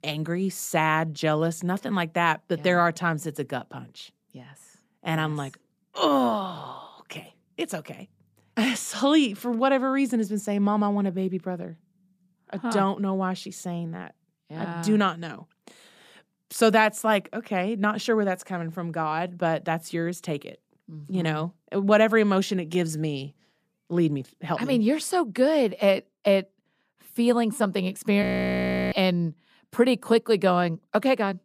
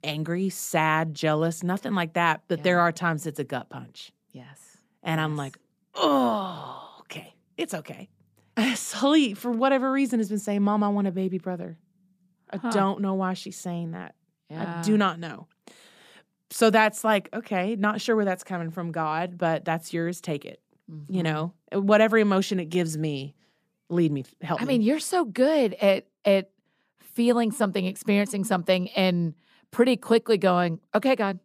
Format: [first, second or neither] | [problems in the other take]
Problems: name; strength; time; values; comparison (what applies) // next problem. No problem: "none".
second | audio freezing; at 28 s for 0.5 s